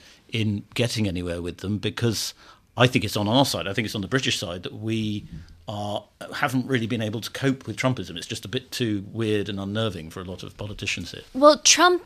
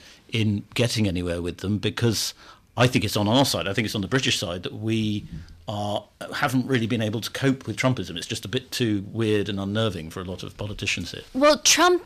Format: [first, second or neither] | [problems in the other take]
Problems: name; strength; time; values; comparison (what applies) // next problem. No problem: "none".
first | distortion; slight; 10 dB below the speech